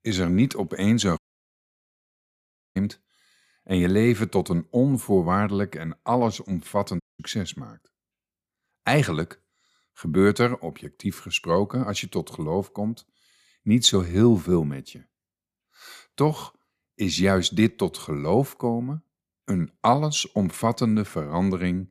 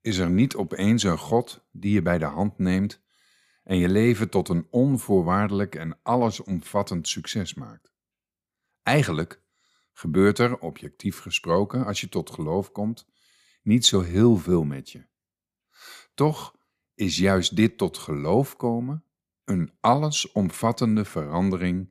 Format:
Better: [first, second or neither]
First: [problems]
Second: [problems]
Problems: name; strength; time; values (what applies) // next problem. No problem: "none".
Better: second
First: audio cutting out; at 1 s for 1.5 s and at 7 s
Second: none